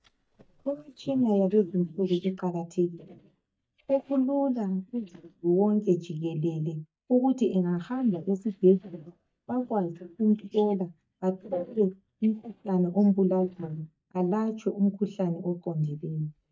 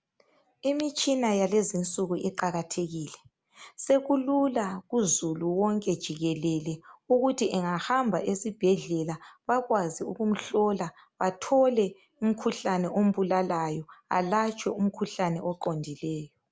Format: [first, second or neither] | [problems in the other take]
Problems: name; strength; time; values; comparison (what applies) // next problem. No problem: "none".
second | noise reduction (neural mask model DeepFilterNet 3)